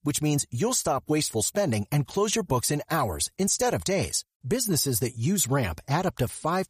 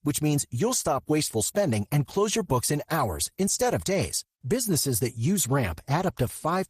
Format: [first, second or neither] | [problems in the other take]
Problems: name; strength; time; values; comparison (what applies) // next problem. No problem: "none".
first | garbled, watery; slightly; nothing above 14.5 kHz